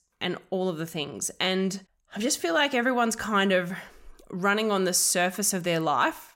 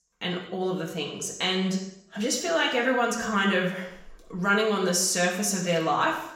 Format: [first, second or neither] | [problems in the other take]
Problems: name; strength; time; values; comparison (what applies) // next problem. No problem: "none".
first | room echo; noticeable; dies away in 0.7 s // off-mic speech; far